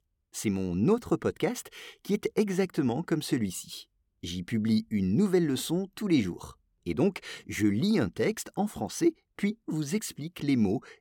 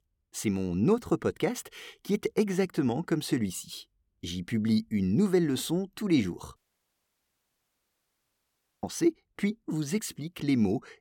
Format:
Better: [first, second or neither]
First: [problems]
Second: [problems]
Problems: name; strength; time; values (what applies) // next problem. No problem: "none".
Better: first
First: none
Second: audio cutting out; at 6.5 s for 2.5 s